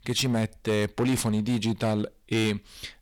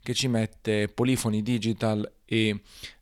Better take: second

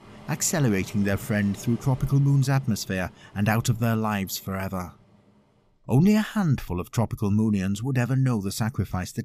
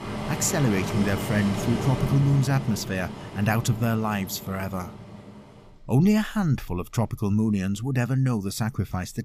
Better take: first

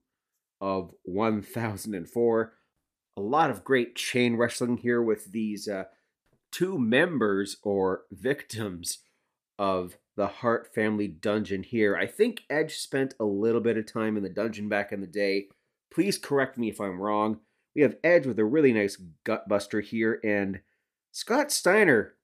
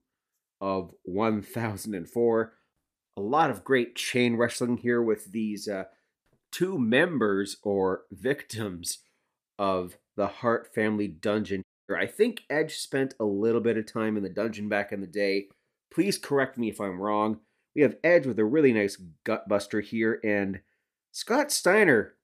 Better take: first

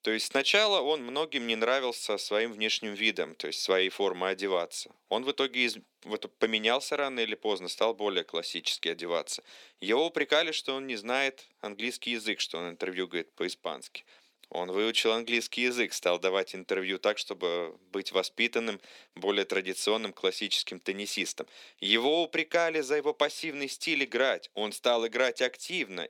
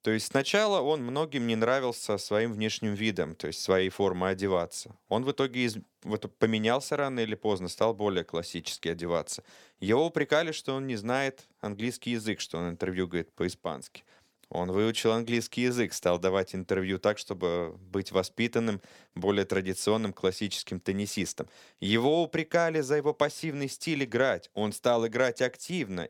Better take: second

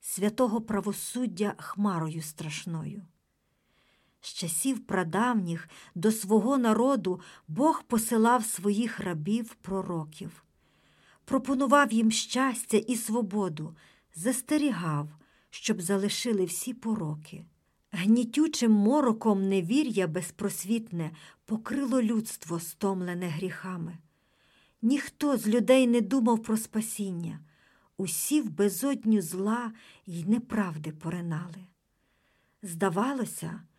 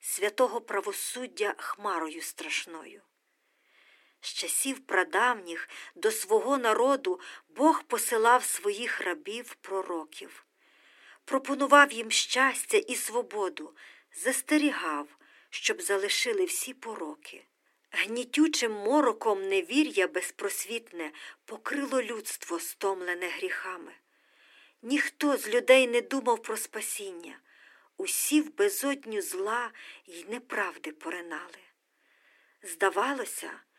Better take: first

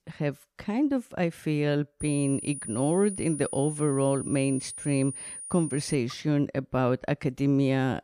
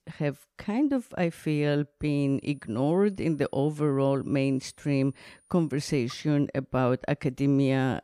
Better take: second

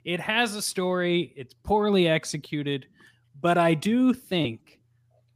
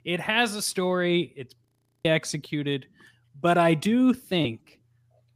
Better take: first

